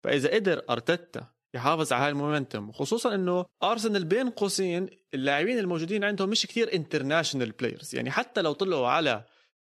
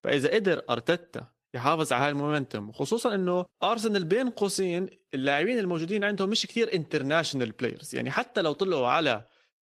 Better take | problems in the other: first | garbled, watery; slightly

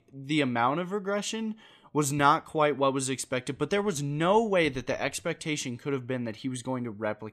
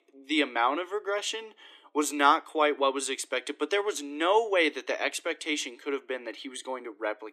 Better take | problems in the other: first | thin; very slightly; fading below 300 Hz

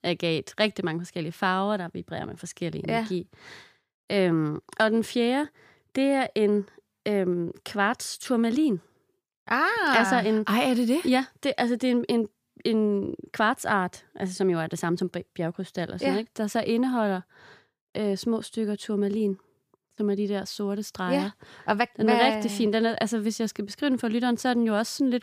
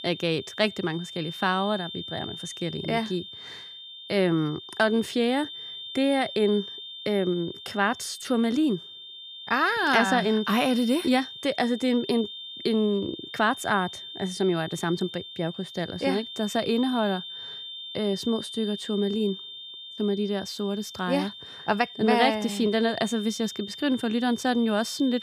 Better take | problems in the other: first | high-pitched whine; noticeable; throughout; 3.5 kHz, 10 dB below the speech

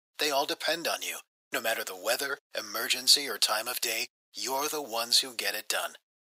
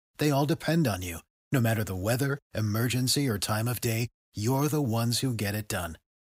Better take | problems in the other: second | thin; very; fading below 500 Hz

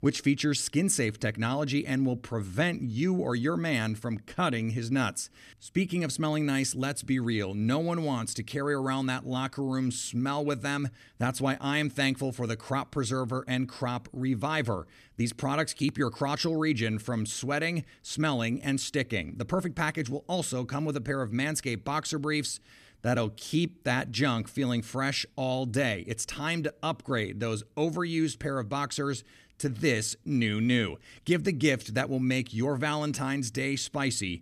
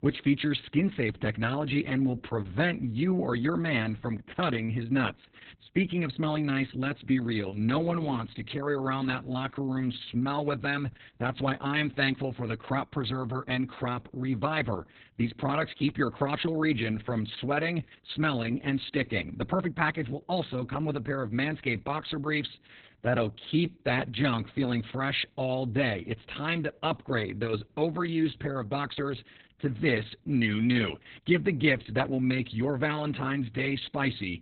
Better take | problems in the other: first | garbled, watery; badly; nothing above 4 kHz

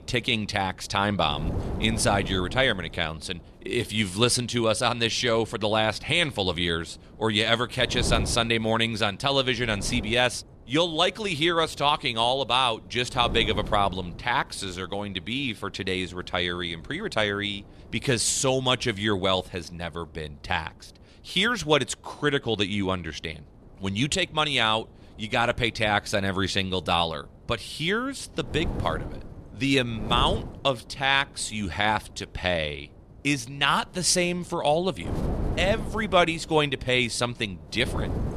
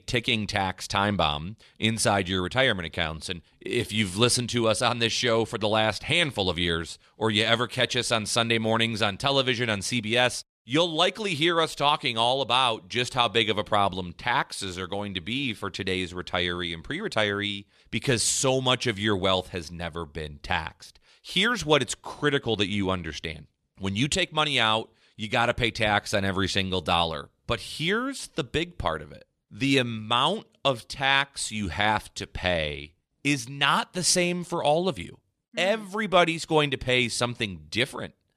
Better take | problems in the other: second | wind noise on the microphone; occasional gusts; 20 dB below the speech

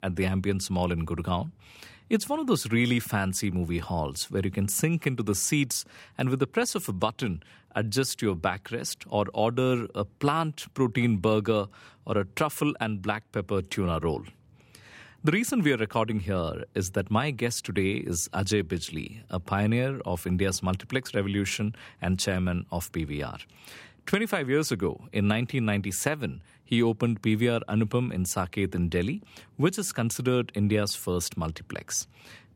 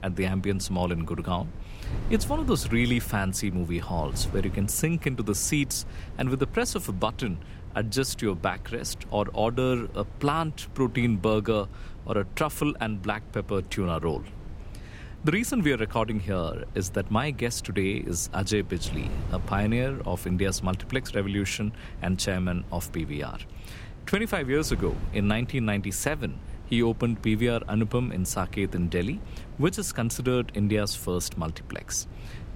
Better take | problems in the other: first | wind noise on the microphone; occasional gusts; 20 dB below the speech

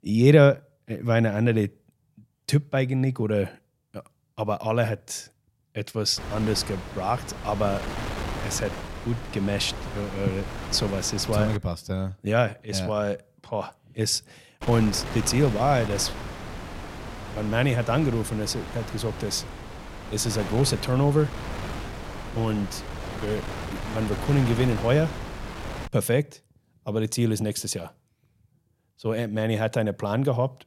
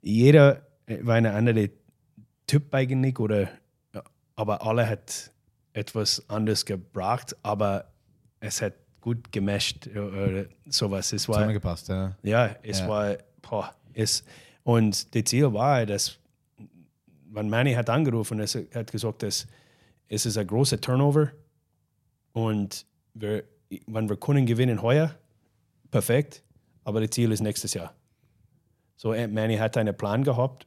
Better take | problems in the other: second | wind noise on the microphone; heavy; from 6 to 12 s and from 15 to 26 s; 9 dB below the speech

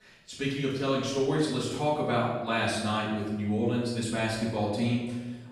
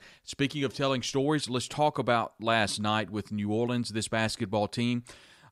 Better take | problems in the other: second | off-mic speech; far // room echo; noticeable; dies away in 1 s

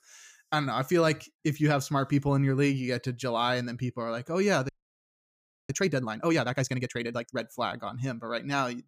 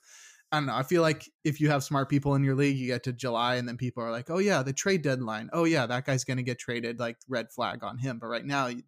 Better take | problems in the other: second | audio freezing; at 4.5 s for 1 s

